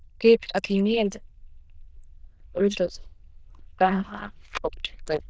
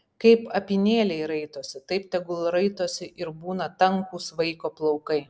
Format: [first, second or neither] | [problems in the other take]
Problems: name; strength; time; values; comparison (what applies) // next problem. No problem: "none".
second | noise reduction (neural diffusion model UNIVERSE++)